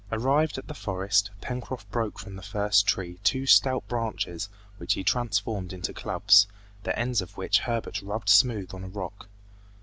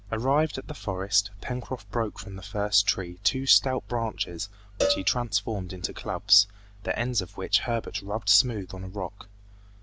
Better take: first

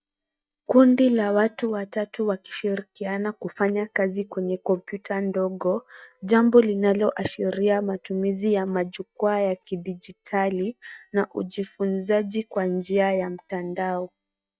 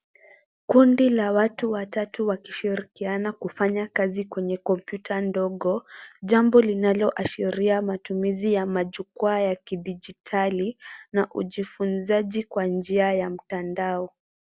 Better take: second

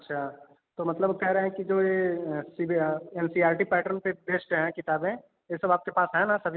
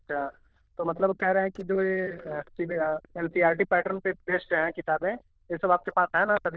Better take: first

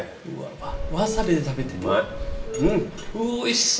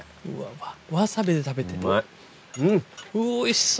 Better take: second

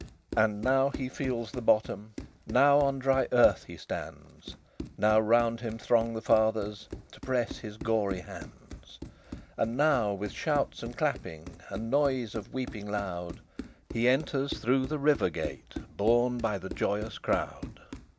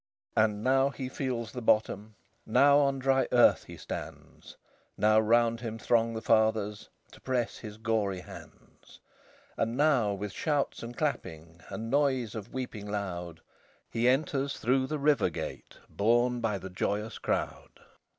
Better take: second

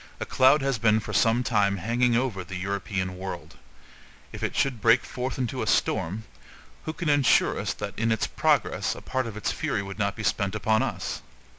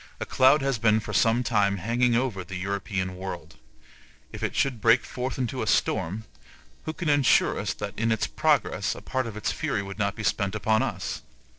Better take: first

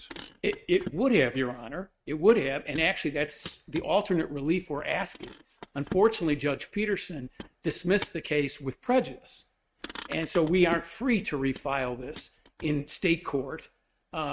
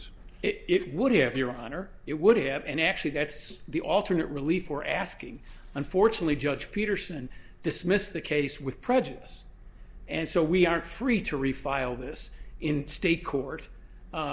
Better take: second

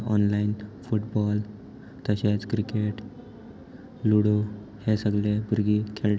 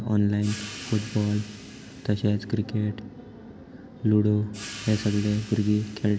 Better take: first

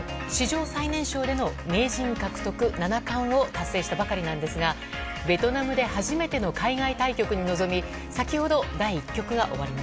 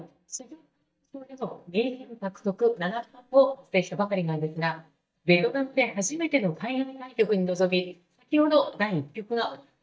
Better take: first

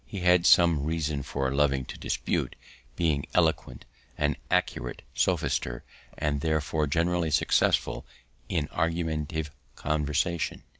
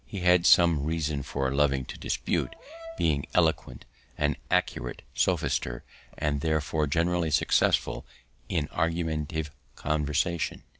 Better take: first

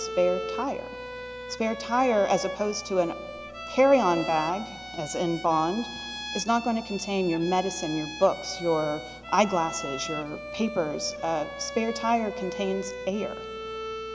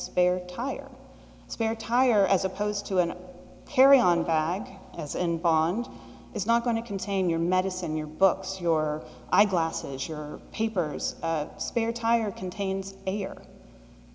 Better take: second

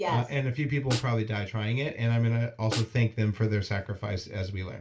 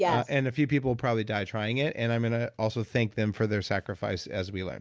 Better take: second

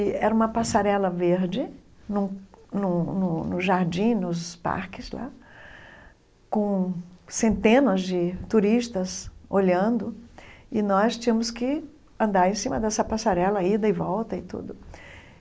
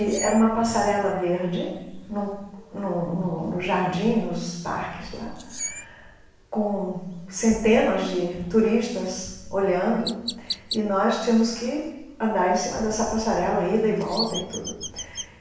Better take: first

